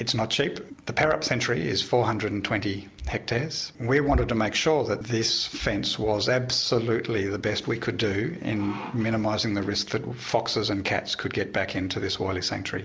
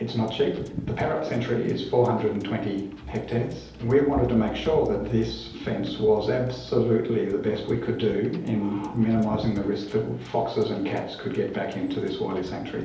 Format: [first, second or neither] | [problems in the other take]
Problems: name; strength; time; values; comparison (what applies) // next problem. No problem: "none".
first | background sound (Wind / Boat, Water vehicle); 17 dB below the speech // room echo; dies away in 2.2 s